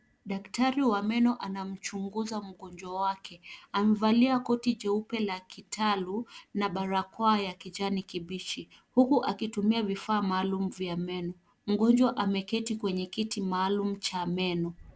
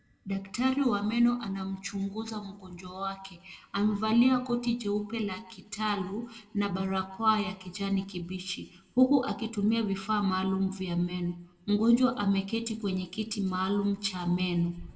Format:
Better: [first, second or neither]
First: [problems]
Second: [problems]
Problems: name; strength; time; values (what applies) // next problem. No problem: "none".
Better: first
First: none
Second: room echo; dies away in 0.7 s